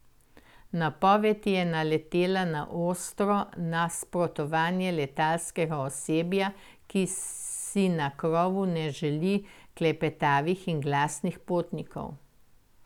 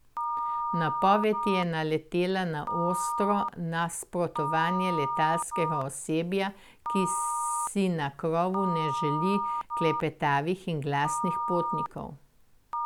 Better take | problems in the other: first | background sound (Telephone); 3 dB below the speech

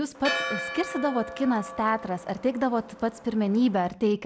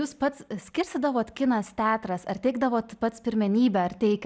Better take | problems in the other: second | background sound (Church bell); 9 dB below the speech

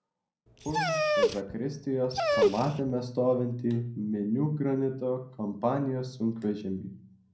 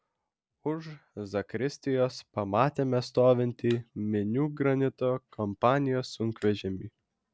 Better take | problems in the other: second | background sound (Dog); 1 dB above the speech // room echo; dies away in 0.6 s

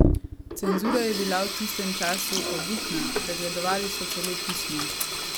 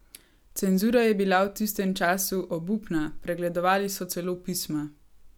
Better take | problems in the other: second | background sound (Sink (filling or washing)); 3 dB above the speech

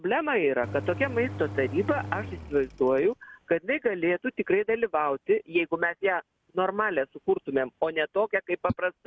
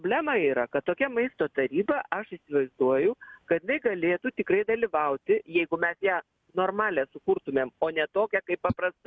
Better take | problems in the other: second | background sound (Engine); 12 dB below the speech

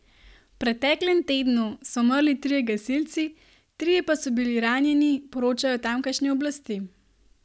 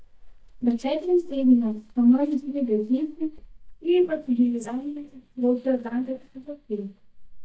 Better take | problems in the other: first | noise reduction (neural mask model DeepFilterNet 3)

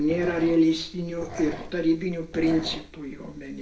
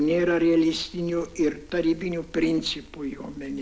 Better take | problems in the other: second | background sound (Growling); 15 dB below the speech // room echo; dies away in 0.3 s

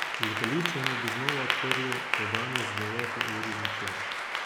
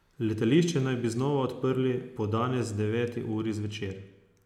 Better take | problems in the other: second | background sound (Applause / Clapping); 5 dB above the speech

